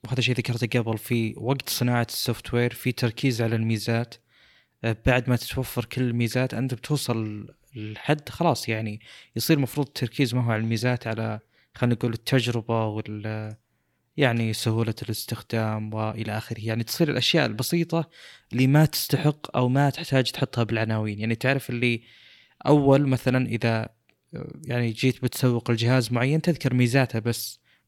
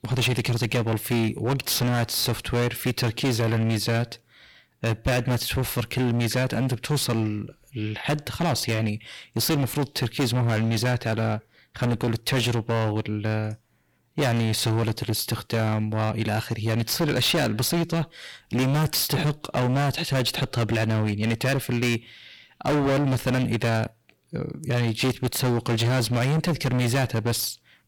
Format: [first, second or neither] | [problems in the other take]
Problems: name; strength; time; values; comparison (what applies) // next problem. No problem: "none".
first | distortion; heavy; 22% of the sound clipped